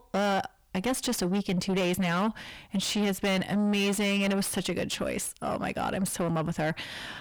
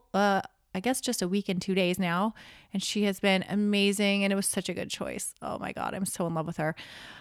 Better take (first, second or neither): second